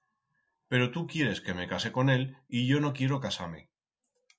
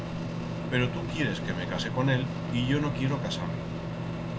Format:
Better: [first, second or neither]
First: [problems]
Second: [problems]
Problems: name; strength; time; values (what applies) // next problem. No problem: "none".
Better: first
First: none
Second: background sound (Microwave oven); 1 dB below the speech